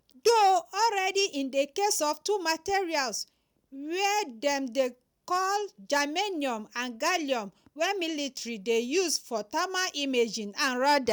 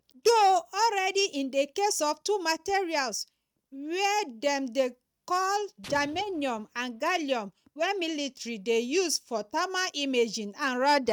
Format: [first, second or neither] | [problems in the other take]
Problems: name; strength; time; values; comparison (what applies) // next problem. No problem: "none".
first | noise reduction (neural mask model RNNoise)